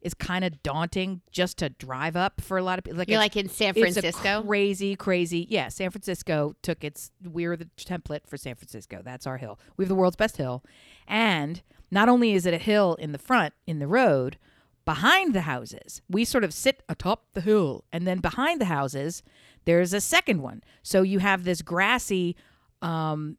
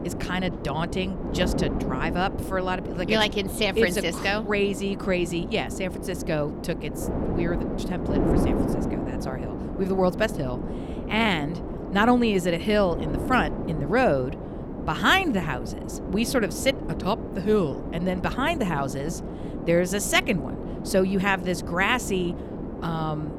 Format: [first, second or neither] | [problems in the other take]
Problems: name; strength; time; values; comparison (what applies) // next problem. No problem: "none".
first | wind noise on the microphone; heavy; 10 dB below the speech